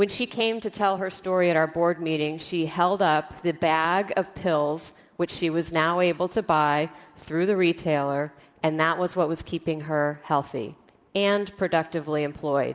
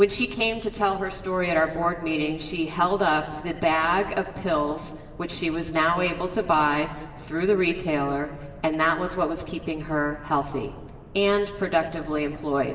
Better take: first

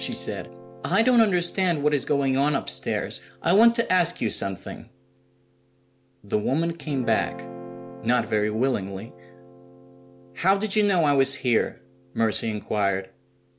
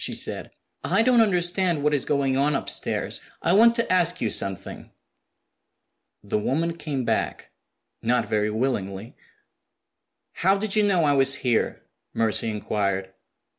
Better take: second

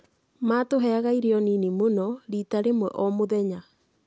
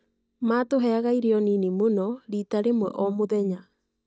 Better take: first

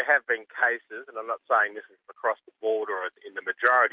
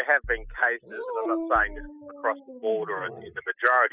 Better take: first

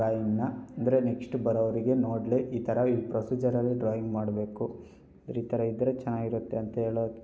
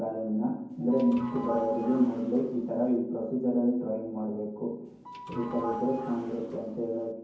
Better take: first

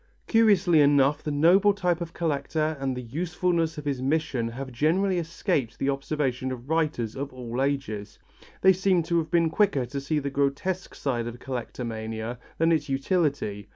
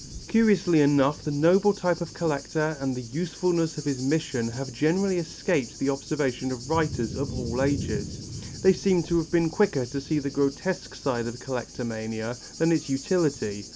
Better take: first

